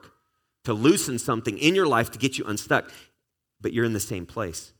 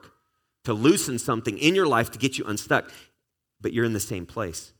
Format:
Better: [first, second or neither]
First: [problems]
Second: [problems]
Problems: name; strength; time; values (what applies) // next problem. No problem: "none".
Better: neither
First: none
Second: none